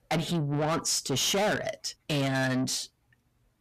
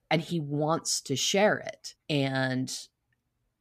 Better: second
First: distortion; heavy; 6 dB below the speech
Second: none

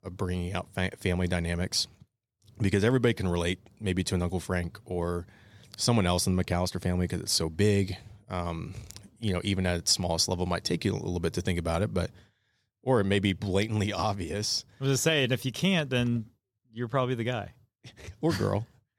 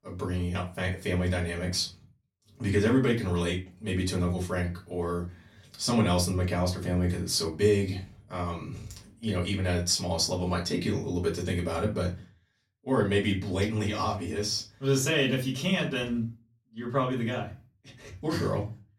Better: first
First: none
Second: off-mic speech; far // room echo; very slight; dies away in 0.3 s

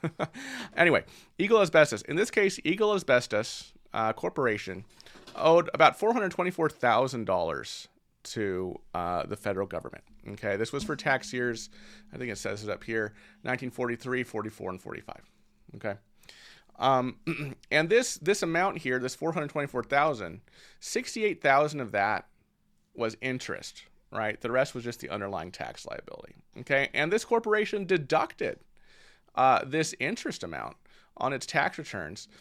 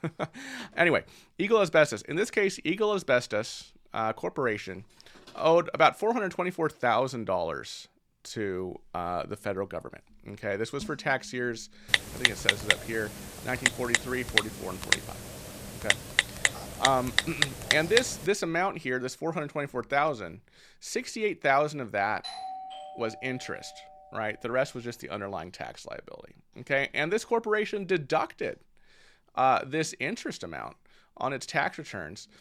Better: first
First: none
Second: keyboard typing; loud; from 12 to 18 s; peak 6 dB above the speech // doorbell; noticeable; from 22 to 24 s; peak 8 dB below the speech

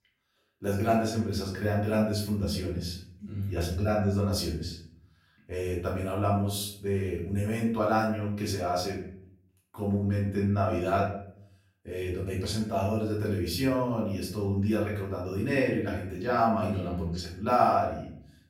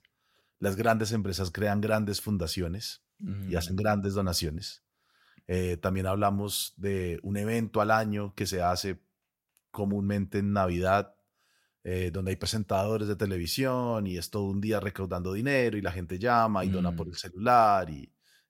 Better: second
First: off-mic speech; far // room echo; noticeable; dies away in 0.6 s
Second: none

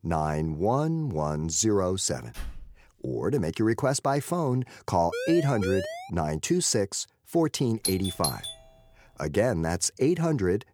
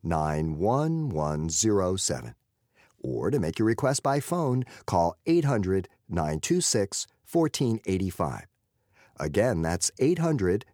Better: second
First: door banging; faint; at 2.5 s; peak 15 dB below the speech // siren; noticeable; at 5 s; peak 6 dB below the speech // doorbell; noticeable; at 8 s; peak 4 dB below the speech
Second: none

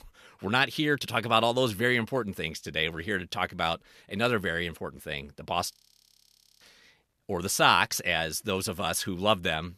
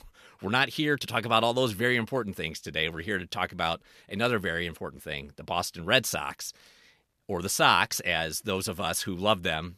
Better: second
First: audio freezing; at 5.5 s for 1 s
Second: none

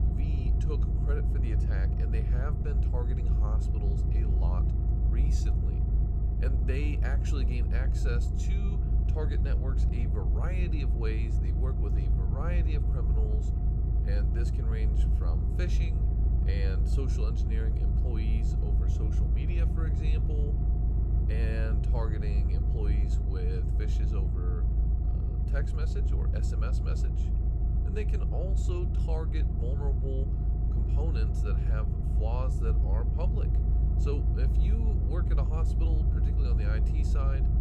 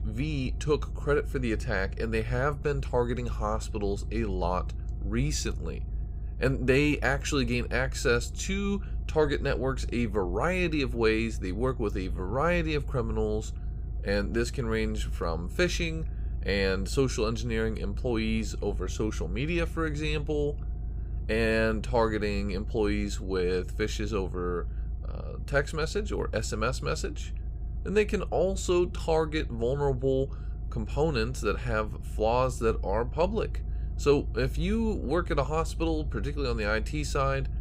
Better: second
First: low rumble; loud; throughout; 1 dB below the speech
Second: low rumble; faint; throughout; 25 dB below the speech

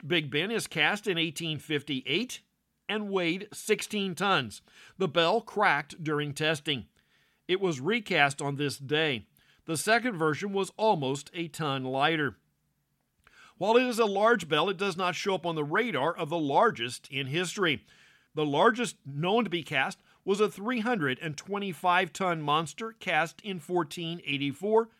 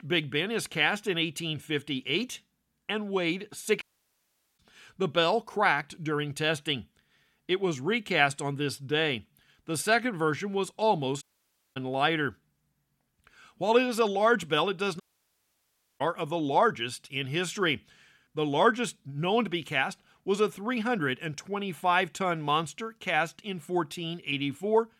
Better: first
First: none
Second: audio cutting out; at 4 s for 1 s, at 11 s for 0.5 s and at 15 s for 1 s

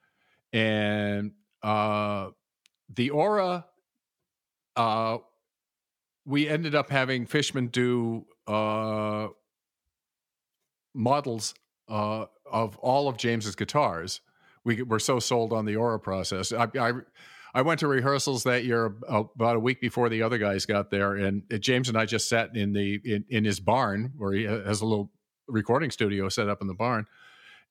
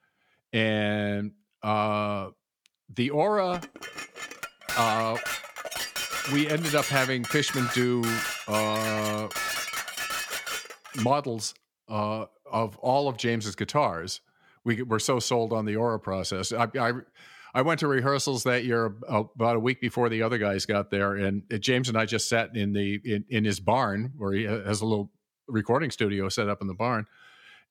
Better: first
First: none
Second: clattering dishes; noticeable; from 3.5 to 11 s; peak 1 dB below the speech

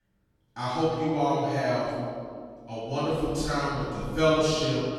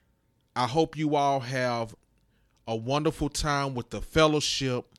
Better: second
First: room echo; strong; dies away in 2 s // off-mic speech; far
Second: none

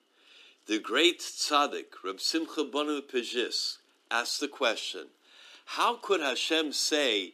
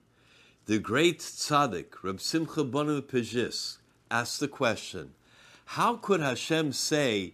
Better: second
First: thin; very slightly; fading below 300 Hz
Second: none

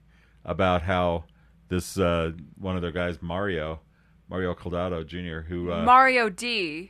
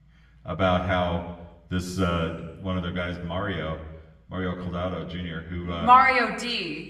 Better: first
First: none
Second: room echo; slight; dies away in 0.9 s // off-mic speech; somewhat distant

